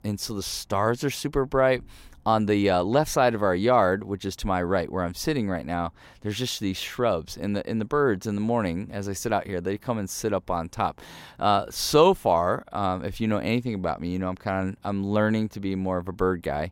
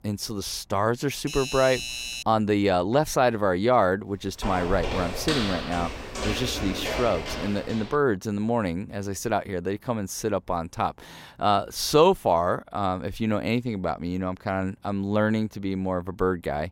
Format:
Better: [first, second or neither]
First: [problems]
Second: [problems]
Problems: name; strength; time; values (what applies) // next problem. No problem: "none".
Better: first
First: none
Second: doorbell; noticeable; from 1 to 2 s; peak 5 dB below the speech // footsteps; noticeable; from 4.5 to 8 s; peak 2 dB below the speech